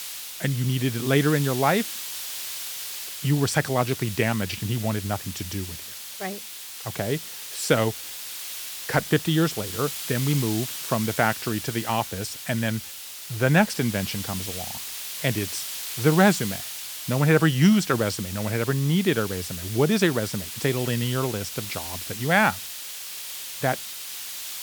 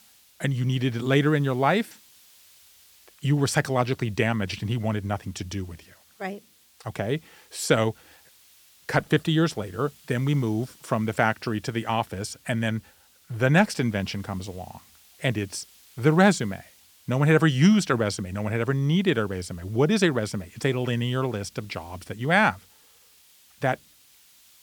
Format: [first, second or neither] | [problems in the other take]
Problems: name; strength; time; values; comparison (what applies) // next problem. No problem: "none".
second | hiss; loud; throughout; 8 dB below the speech; faint in the second